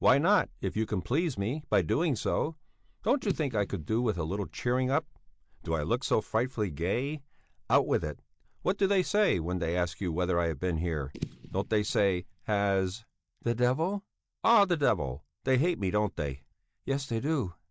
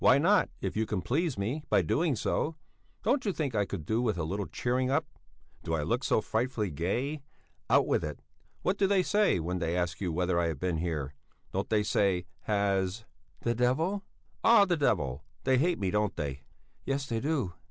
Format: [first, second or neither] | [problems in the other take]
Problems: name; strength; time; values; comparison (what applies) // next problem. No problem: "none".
second | noise reduction (neural mask model DeepFilterNet 3)